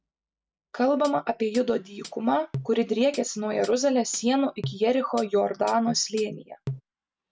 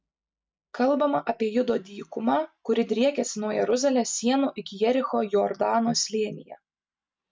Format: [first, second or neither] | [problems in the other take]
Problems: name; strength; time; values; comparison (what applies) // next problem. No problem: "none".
second | background sound (Hi-hat); 15 dB below the speech